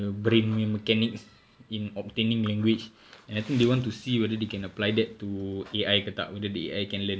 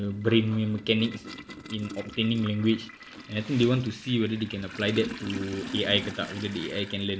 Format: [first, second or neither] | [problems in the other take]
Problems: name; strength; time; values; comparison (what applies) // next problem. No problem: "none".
first | background sound (Toilet flush); 13 dB below the speech